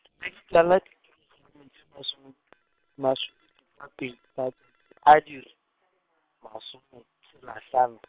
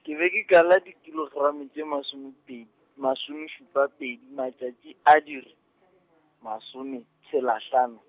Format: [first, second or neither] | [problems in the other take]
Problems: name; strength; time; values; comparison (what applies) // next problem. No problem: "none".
second | noise reduction (neural separator model SepFormer WHAM!)